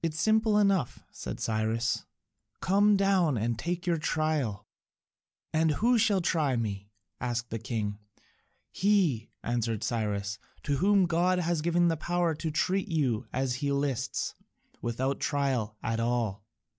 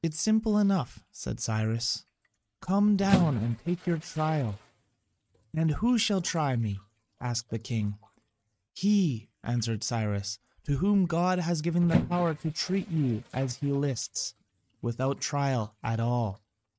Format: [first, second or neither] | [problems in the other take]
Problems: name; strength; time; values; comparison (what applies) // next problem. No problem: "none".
first | noise reduction (neural mask model RNNoise)